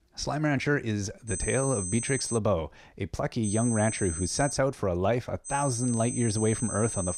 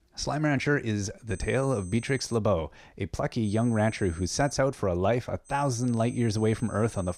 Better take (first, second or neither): second